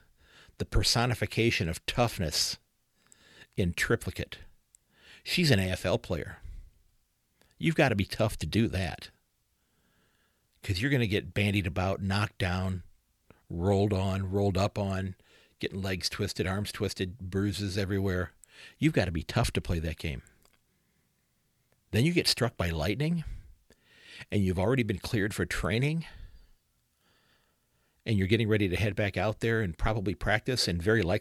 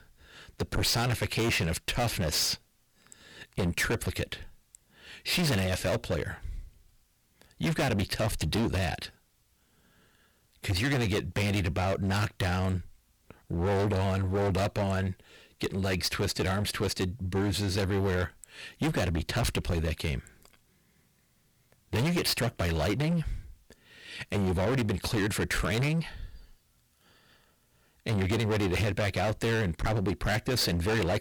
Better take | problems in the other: first | distortion; heavy; 19% of the sound clipped

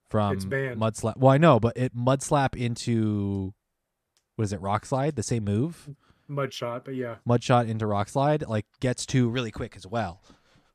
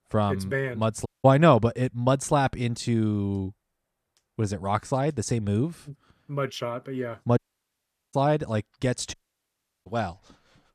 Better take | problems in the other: first | audio cutting out; at 1 s, at 7.5 s for 1 s and at 9 s for 0.5 s

